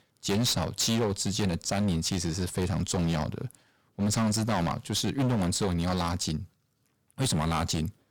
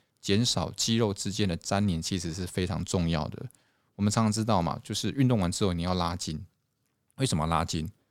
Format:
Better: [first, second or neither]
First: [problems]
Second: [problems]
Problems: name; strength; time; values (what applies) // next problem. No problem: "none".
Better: second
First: distortion; heavy; 15% of the sound clipped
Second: none